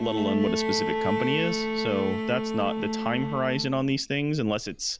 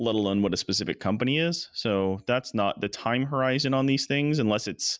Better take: second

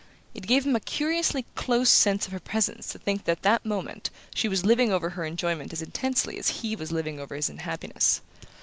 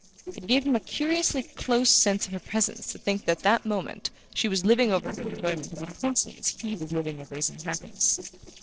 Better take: first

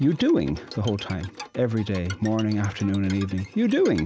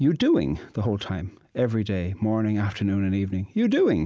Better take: second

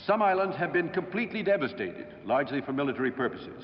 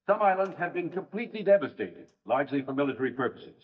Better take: first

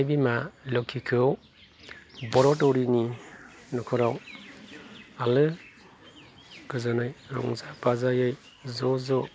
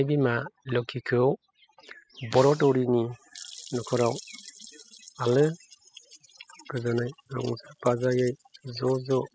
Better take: first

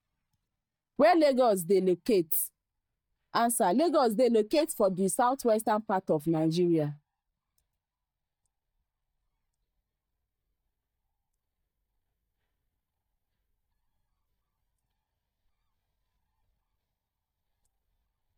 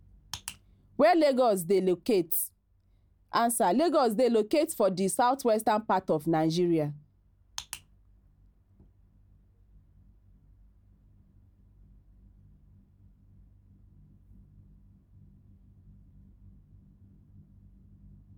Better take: second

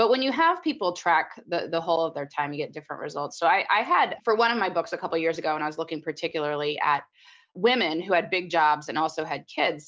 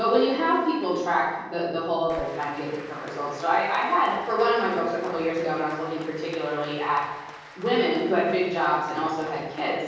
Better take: first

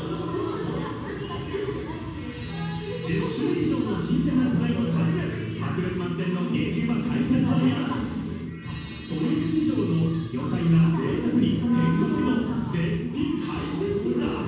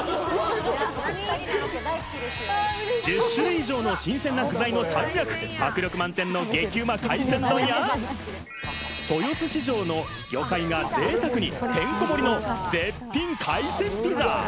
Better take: second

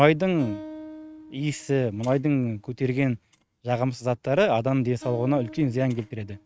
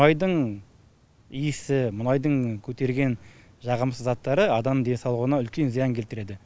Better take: second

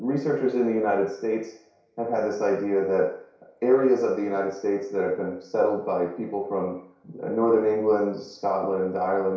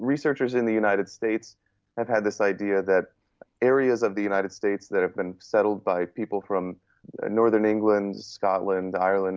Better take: second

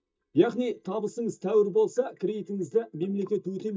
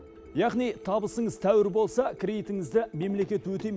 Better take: second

